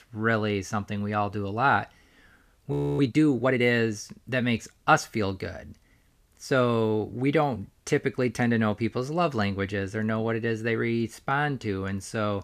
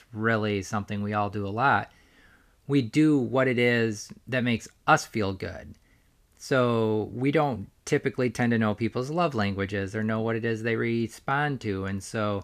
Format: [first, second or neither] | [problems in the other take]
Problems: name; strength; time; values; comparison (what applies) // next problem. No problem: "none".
second | audio freezing; at 2.5 s